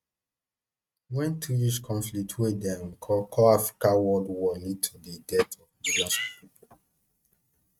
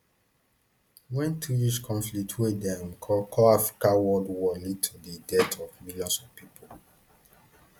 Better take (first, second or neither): second